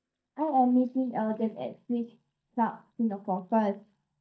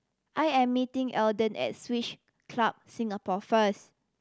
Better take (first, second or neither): second